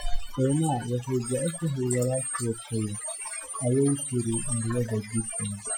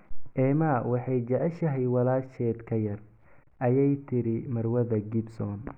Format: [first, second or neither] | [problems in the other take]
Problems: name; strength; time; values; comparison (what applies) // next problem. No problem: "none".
second | noise reduction (classical method Wiener filter)